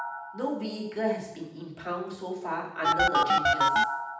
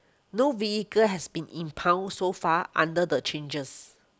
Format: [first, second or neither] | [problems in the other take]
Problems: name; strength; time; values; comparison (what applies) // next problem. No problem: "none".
second | background sound (Telephone); 5 dB above the speech // room echo; dies away in 0.8 s